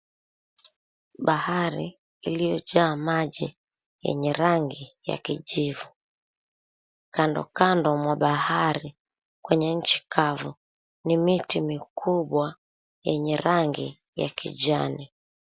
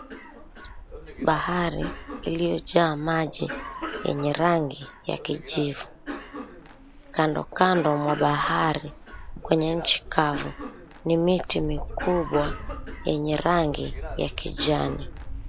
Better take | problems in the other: first | background sound (Wind / Bird + Cough); 10 dB below the speech

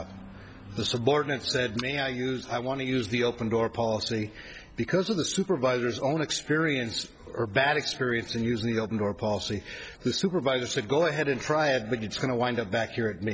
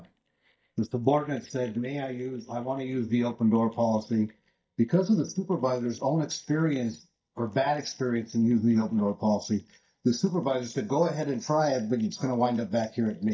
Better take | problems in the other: first | noise reduction (neural mask model DeepFilterNet 3)

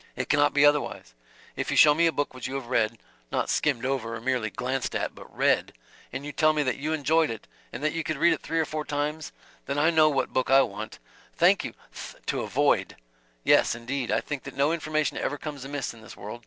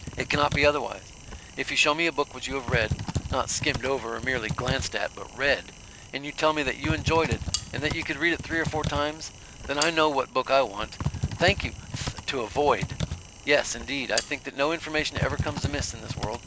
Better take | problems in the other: first | background sound (Typing + Cutlery, silverware); 6 dB below the speech

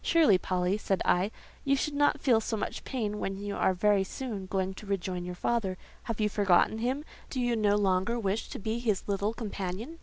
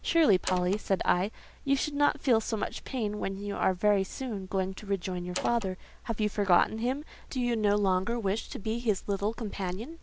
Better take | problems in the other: first | background sound (Door); 10 dB below the speech

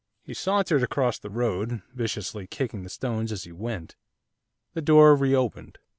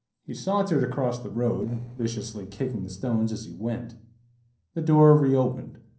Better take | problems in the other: first | noise reduction (neural separator model SepFormer DNS4)

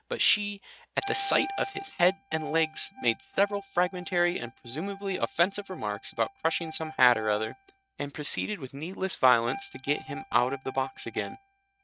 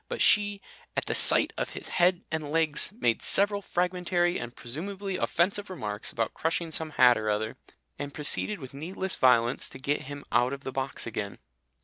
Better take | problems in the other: second | noise reduction (neural mask model RNNoise)

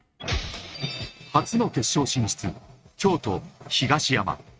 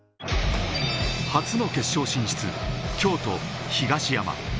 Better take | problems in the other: second | noise reduction (neural mask model RNNoise)

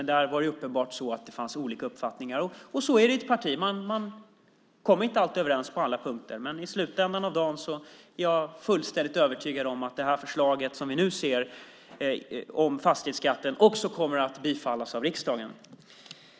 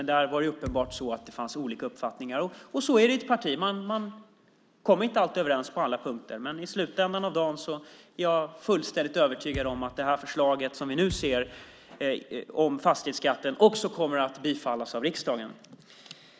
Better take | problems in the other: first | background sound (Thump, thud); 15 dB below the speech

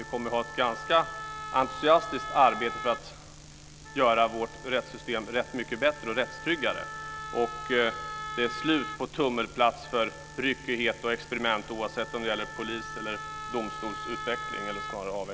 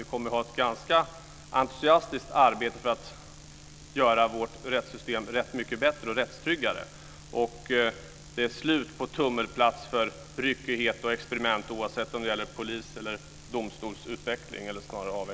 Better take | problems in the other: second | background sound (Wind instrument, woodwind instrument); 11 dB below the speech

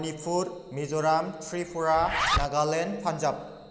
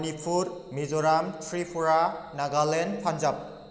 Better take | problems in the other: second | background sound (Zipper (clothing)); 5 dB below the speech

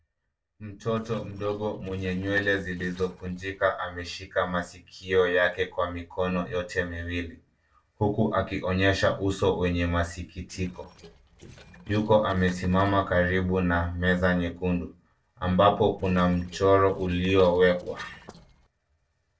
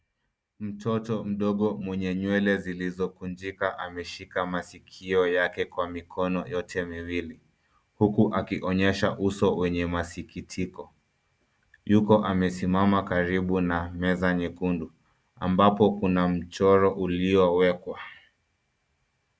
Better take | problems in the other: second | noise reduction (neural separator model SepFormer DNS4)

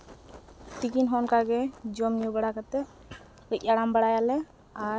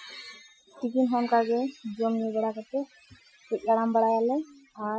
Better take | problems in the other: first | noise reduction (classical method Wiener filter)

